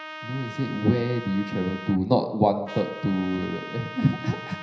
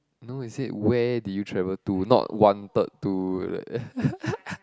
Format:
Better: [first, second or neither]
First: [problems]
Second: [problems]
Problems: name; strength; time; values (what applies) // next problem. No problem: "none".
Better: second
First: background sound (Trumpet); 13 dB below the speech // room echo; dies away in 0.9 s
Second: none